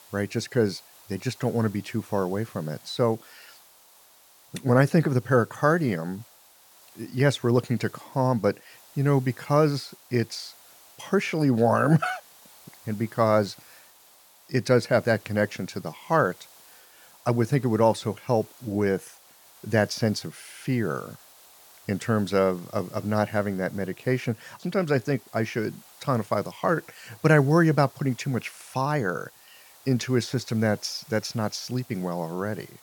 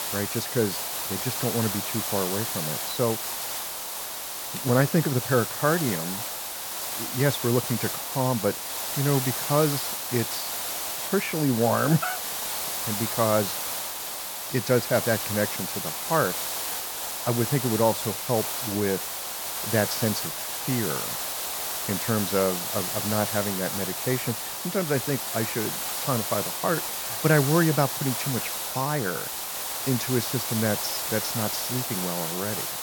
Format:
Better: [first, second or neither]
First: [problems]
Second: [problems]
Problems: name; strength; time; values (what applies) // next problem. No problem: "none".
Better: first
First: hiss; faint; throughout; 25 dB below the speech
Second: hiss; loud; throughout; 1 dB below the speech